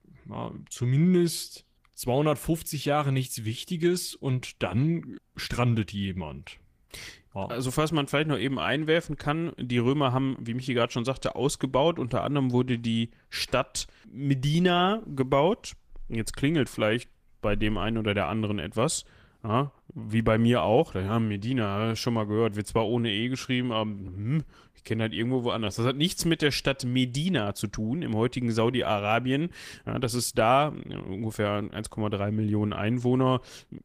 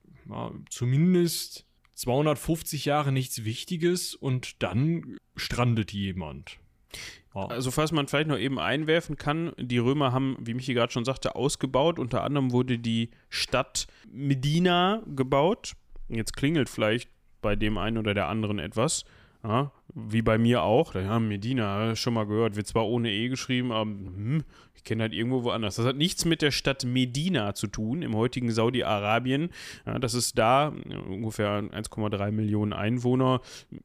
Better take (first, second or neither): second